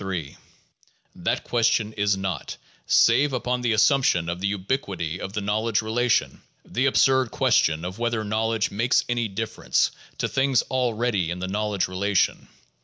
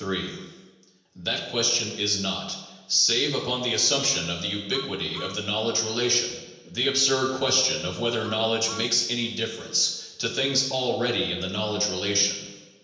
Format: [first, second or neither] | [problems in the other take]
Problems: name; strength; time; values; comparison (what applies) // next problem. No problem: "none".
first | background sound (Truck); 20 dB below the speech // room echo; dies away in 1 s